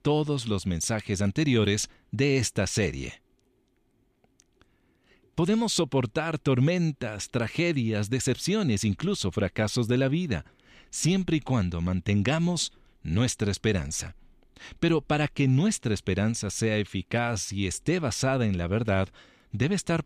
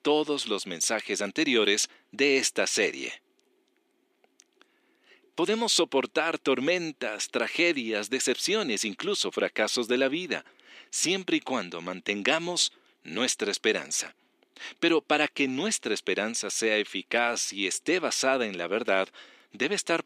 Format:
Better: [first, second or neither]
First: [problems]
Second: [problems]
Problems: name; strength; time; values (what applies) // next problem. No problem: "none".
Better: first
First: none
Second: thin; somewhat; fading below 300 Hz